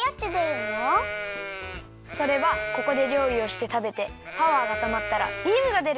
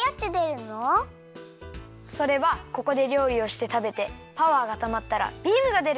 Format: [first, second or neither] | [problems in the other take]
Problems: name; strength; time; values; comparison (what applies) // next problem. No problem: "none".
second | background sound (Livestock, farm animals, working animals); 6 dB below the speech